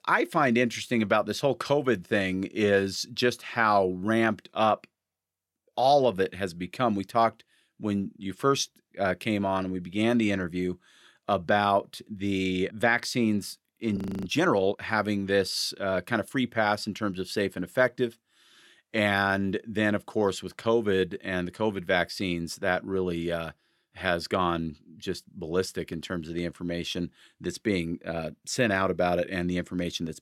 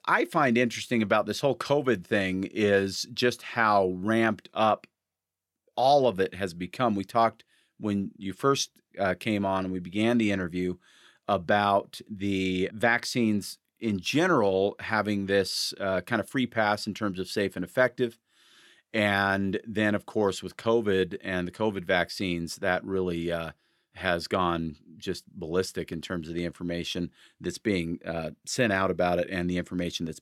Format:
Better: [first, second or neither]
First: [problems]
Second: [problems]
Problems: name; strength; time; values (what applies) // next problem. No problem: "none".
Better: second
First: audio freezing; at 14 s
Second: none